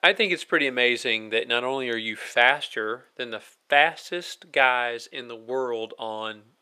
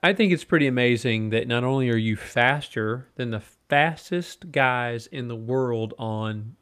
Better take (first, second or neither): second